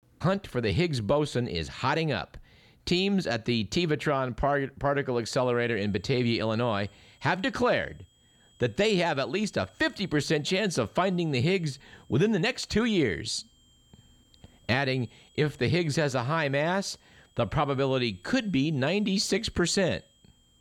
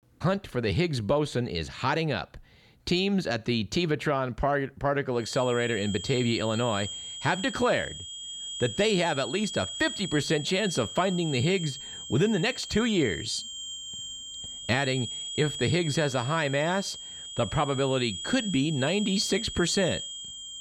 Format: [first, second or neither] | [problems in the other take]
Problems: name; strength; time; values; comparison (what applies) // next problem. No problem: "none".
first | high-pitched whine; loud; from 5.5 s on; 3.5 kHz, 8 dB below the speech; faint in the first